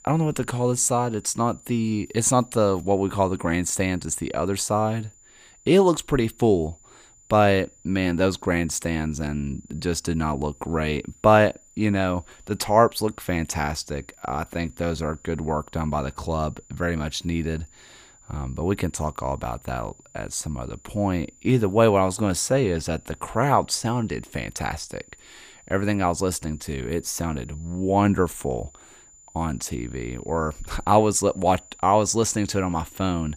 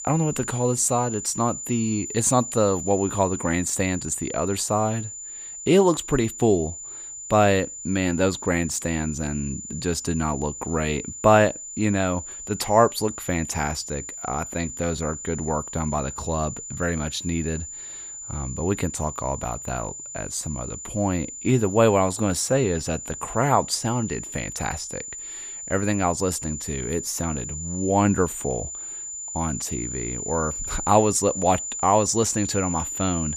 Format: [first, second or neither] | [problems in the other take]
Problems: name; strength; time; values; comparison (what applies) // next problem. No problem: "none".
first | high-pitched whine; loud; throughout; 7 kHz, 8 dB below the speech; faint in the first